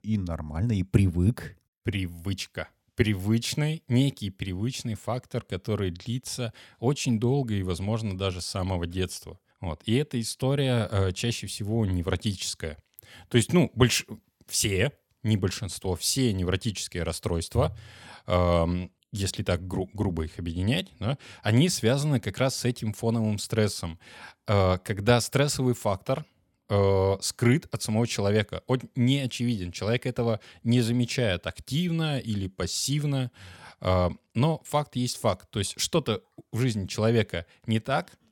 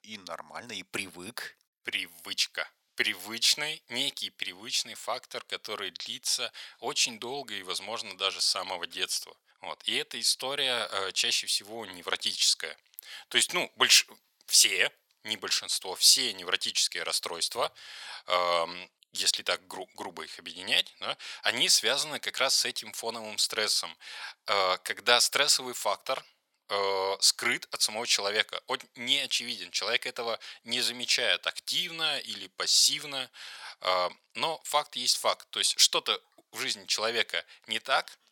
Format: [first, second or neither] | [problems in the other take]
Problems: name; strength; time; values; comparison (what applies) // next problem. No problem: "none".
first | thin; very; fading below 900 Hz